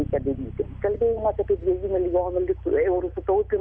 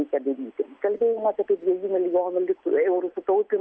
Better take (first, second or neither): second